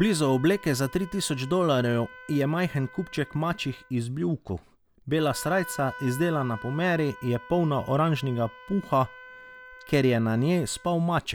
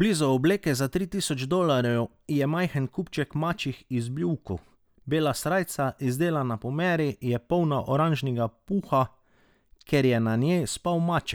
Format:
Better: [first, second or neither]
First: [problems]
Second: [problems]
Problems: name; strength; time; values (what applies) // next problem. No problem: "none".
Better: second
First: background sound (Wind instrument, woodwind instrument); 19 dB below the speech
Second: none